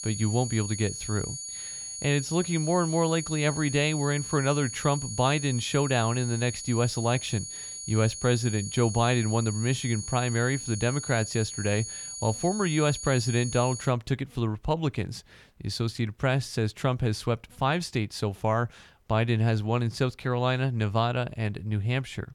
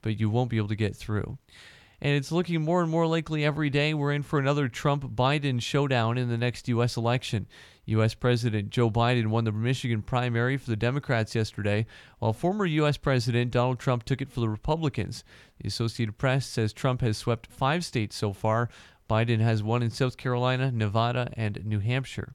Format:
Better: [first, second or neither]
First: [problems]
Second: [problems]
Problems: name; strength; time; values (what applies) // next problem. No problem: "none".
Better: second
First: high-pitched whine; loud; until 14 s; 6.5 kHz, 8 dB below the speech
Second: none